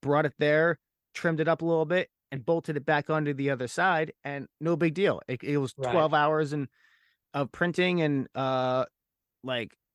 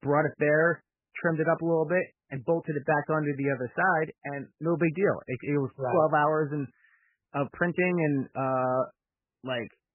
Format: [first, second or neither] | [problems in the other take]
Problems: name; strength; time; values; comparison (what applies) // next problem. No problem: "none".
first | garbled, watery; badly; nothing above 3 kHz